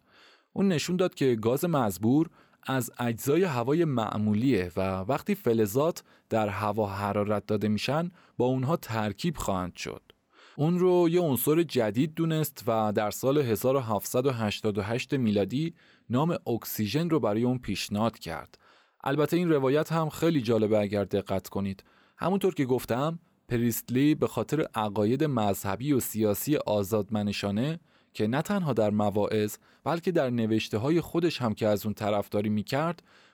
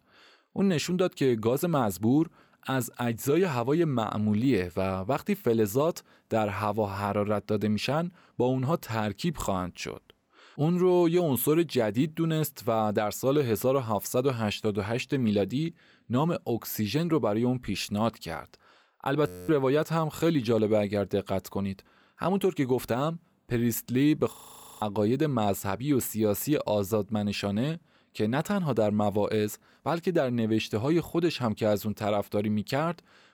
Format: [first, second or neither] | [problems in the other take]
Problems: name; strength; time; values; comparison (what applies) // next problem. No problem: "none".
first | audio freezing; at 19 s and at 24 s